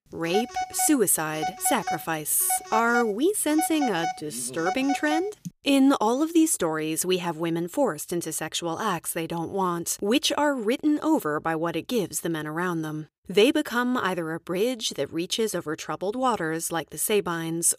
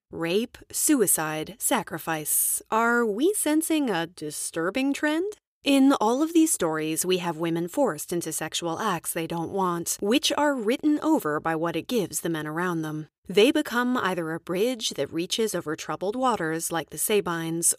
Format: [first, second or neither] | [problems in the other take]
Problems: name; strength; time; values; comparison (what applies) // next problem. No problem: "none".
second | phone ringing; noticeable; until 5.5 s; peak 5 dB below the speech